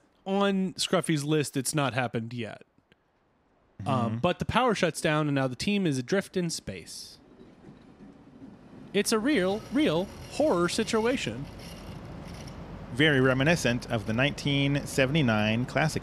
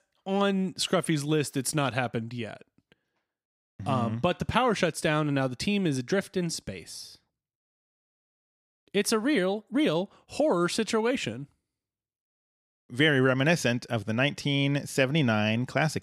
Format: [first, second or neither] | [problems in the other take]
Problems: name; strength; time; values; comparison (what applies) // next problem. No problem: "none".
second | train or aircraft noise; noticeable; throughout; 15 dB below the speech